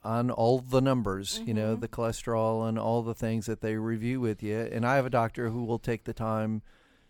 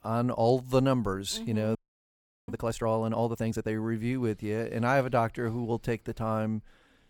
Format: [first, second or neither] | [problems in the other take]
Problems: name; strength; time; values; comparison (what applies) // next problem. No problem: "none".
first | audio freezing; at 2 s for 0.5 s